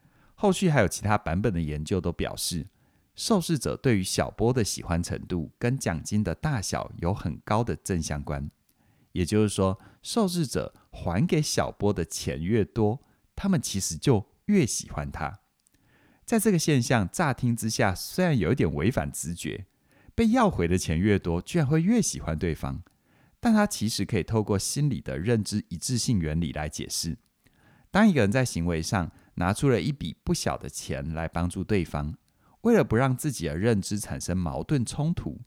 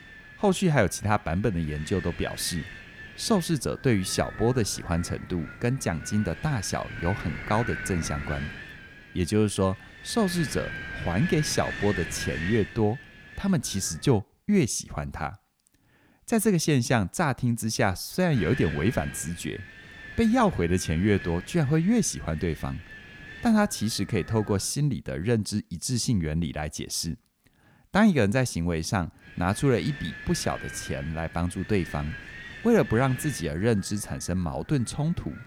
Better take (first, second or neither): first